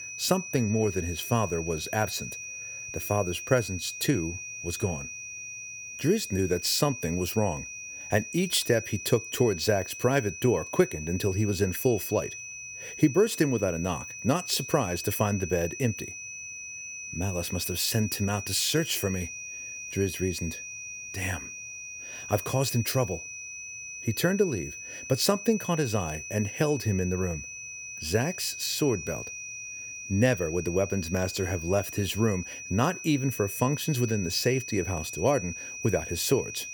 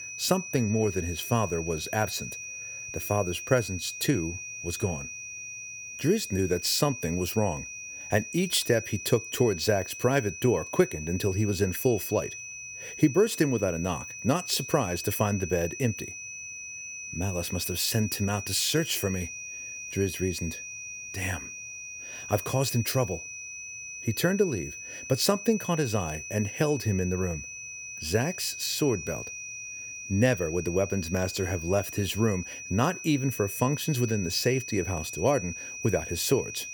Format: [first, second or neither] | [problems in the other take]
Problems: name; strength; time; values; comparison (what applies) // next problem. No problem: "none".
neither | high-pitched whine; loud; throughout; 2.5 kHz, 9 dB below the speech; the same in both